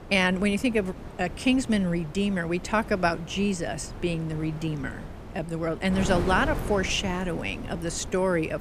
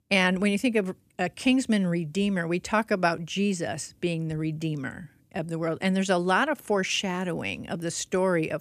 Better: second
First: wind noise on the microphone; occasional gusts; 15 dB below the speech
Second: none

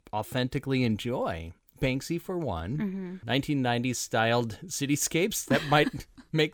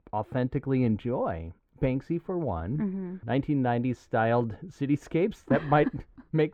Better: first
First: none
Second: muffled; very; fading above 3 kHz

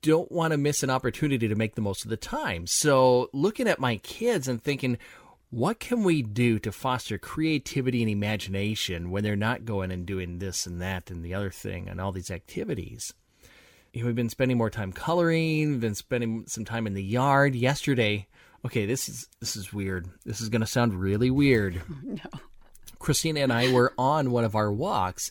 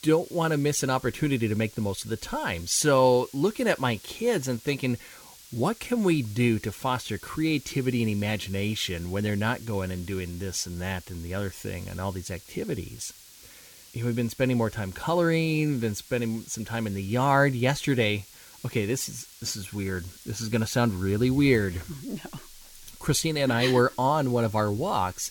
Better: first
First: none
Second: hiss; faint; throughout; 20 dB below the speech

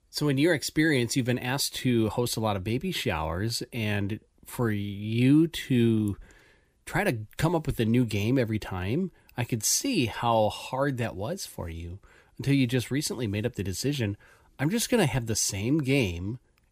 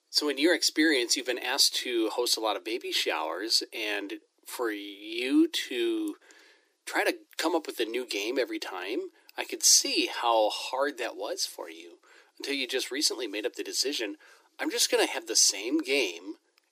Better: first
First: none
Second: thin; very; fading below 300 Hz

